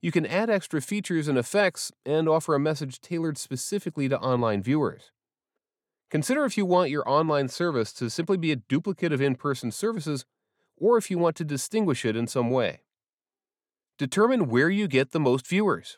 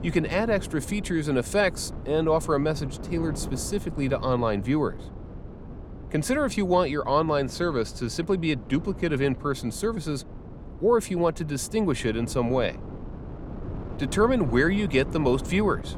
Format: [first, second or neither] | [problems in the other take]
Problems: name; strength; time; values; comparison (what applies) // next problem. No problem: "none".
first | wind noise on the microphone; occasional gusts; 15 dB below the speech